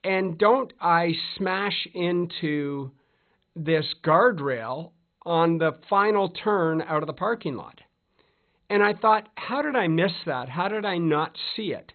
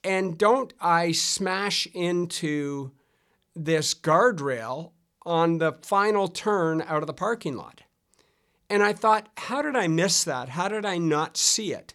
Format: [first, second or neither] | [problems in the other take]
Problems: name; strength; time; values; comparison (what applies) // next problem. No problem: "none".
second | garbled, watery; badly; nothing above 4 kHz